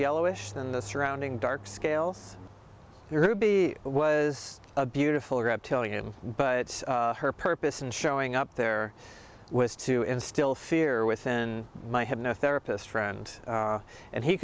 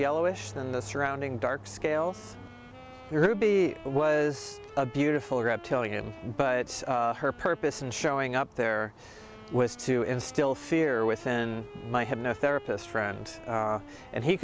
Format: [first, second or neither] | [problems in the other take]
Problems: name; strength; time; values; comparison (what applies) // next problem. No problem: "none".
first | background sound (Wind instrument, woodwind instrument); 19 dB below the speech